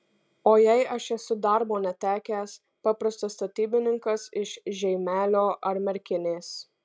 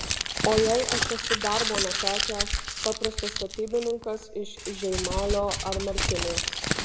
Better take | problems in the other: first | background sound (Crumpling, crinkling); as loud as the speech // room echo; dies away in 1 s

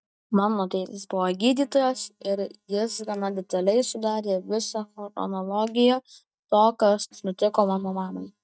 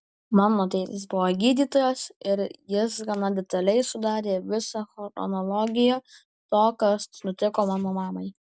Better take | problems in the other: second | noise reduction (neural mask model DeepFilterNet 3)

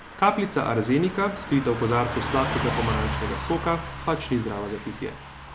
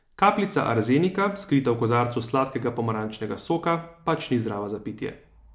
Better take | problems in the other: second | background sound (Car passing by / Truck); 7 dB below the speech

